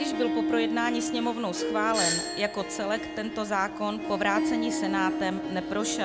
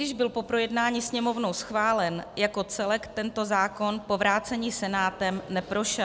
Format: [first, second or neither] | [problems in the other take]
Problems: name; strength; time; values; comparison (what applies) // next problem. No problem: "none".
second | background sound (Harp + Doorbell); 1 dB below the speech